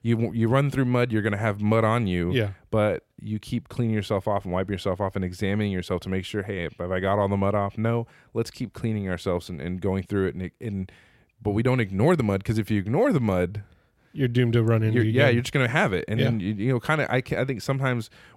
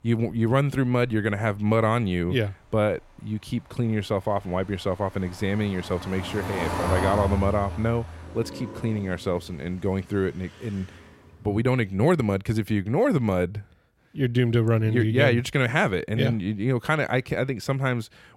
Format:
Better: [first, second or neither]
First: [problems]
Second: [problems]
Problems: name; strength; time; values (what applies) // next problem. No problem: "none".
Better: first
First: none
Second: traffic noise; loud; until 11 s; 8 dB below the speech